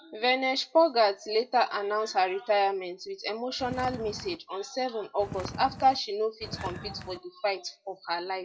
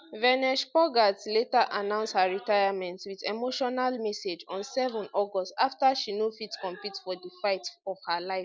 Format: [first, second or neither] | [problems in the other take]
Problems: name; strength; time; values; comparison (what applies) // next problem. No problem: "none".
second | noise reduction (classical method WPE with log-MMSE)